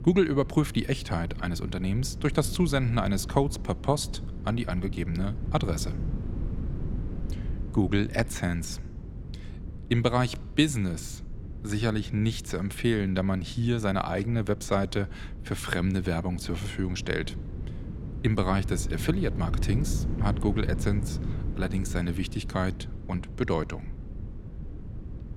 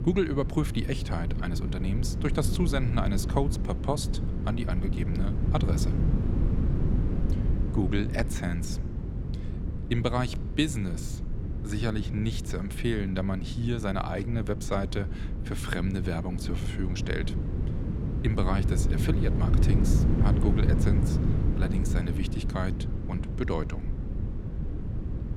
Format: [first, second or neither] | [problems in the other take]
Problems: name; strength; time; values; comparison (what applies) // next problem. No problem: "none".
first | wind noise on the microphone; heavy; 6 dB below the speech; occasional gusts in the first